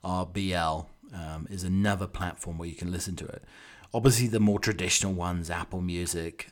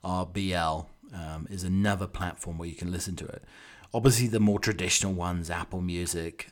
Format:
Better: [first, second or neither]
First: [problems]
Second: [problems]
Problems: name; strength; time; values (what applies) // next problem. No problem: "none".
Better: neither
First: none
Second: none